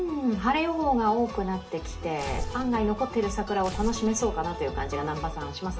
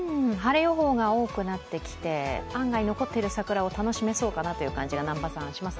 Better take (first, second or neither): second